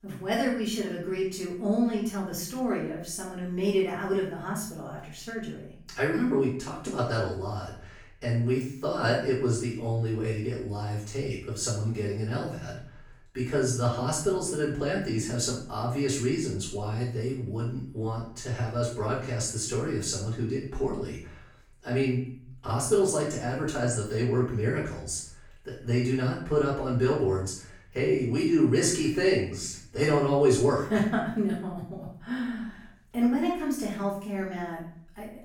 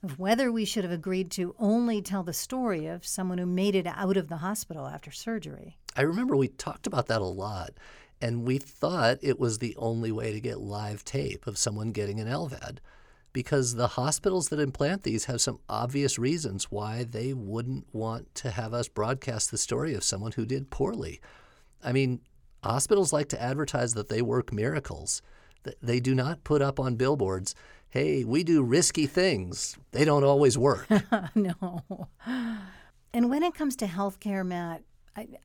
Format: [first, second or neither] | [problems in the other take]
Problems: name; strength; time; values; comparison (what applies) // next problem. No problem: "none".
second | off-mic speech; far // room echo; noticeable; dies away in 0.5 s